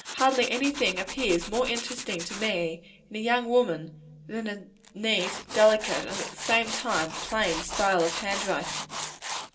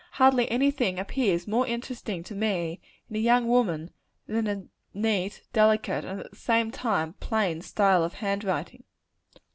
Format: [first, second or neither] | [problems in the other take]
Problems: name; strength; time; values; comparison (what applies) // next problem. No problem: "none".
second | background sound (Tools); 9 dB below the speech // room echo; dies away in 0.2 s